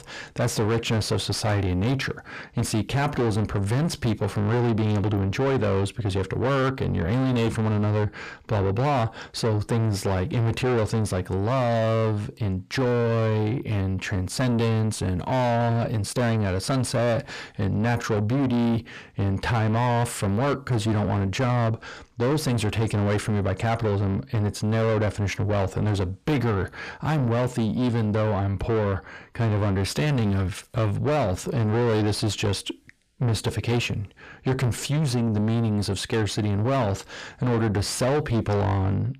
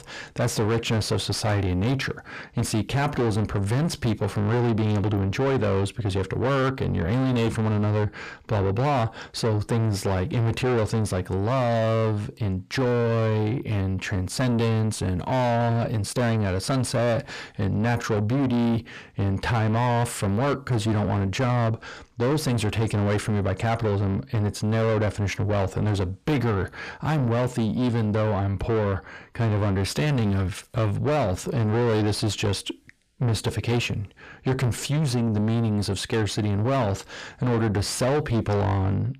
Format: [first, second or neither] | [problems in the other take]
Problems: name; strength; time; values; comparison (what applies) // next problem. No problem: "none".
neither | distortion; heavy; 7 dB below the speech; the same in both